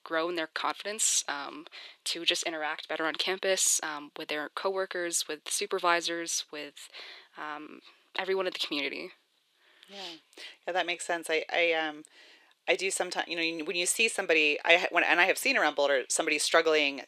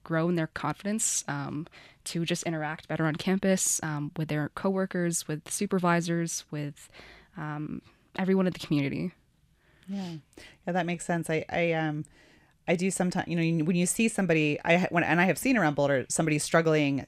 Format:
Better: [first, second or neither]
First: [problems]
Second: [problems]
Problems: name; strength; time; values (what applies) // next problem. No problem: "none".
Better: second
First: thin; very; fading below 400 Hz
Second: none